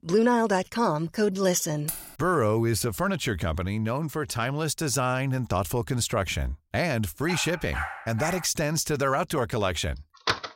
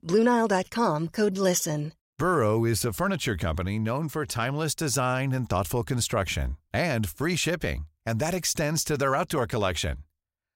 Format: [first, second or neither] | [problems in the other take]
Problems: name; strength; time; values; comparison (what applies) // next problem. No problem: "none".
second | jangling keys; noticeable; at 2 s; peak 7 dB below the speech // dog barking; noticeable; from 7.5 to 8.5 s; peak 7 dB below the speech // door banging; noticeable; at 10 s; peak 2 dB below the speech